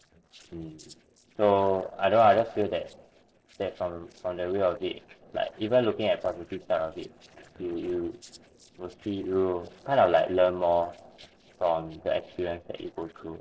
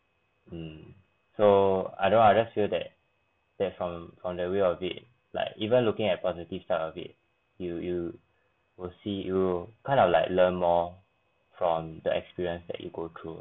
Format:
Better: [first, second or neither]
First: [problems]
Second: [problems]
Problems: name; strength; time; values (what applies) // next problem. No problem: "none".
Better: second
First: noise reduction (neural separator model SepFormer DNS4)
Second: none